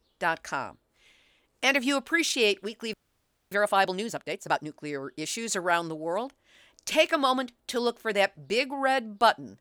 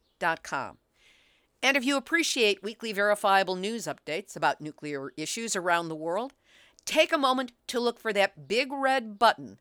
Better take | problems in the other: second | audio freezing; at 3 s for 0.5 s

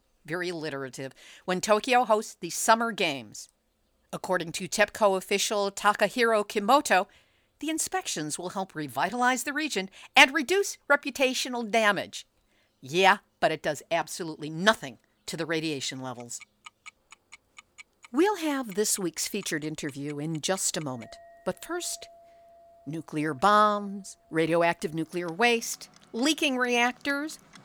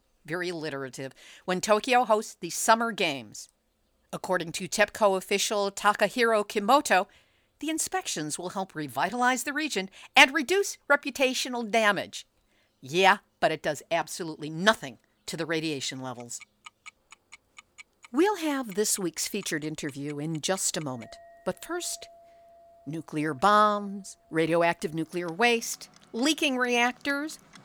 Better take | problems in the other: neither | household noises; faint; from 16 s on; 25 dB below the speech; the same in both

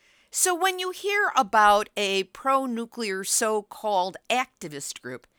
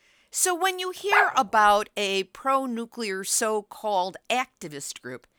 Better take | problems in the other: first | dog barking; loud; at 1 s; peak 2 dB above the speech

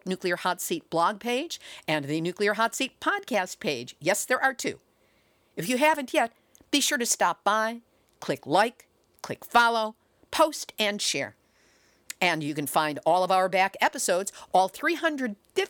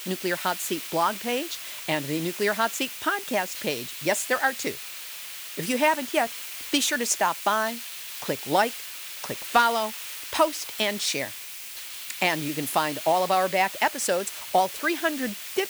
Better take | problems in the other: first | hiss; loud; throughout; 8 dB below the speech

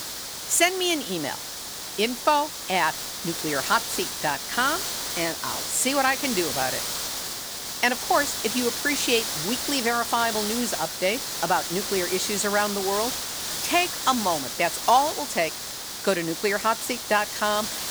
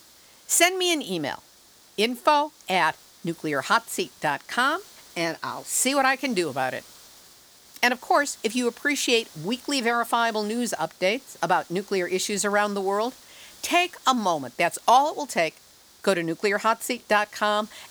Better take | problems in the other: second | hiss; loud; throughout; 4 dB below the speech; faint in the second

